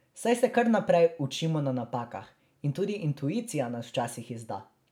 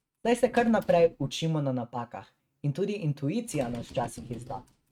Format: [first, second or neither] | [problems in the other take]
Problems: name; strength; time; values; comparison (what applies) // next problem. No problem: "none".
first | noise reduction (neural mask model RNNoise)